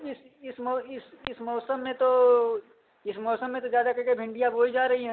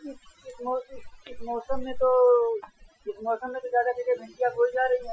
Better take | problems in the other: first | noise reduction (classical method Wiener filter)

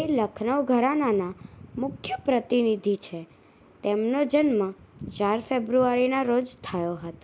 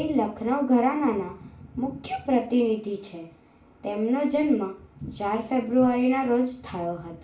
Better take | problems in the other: first | room echo; dies away in 0.4 s

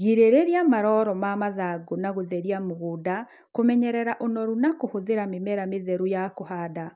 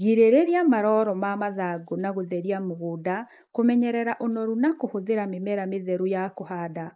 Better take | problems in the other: first | noise reduction (neural mask model Resemble Enhance denoiser)

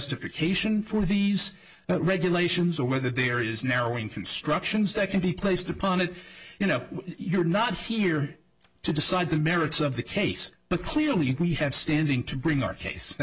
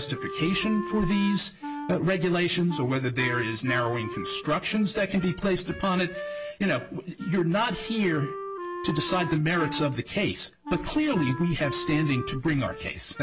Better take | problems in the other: first | background sound (Wind instrument, woodwind instrument); 10 dB below the speech

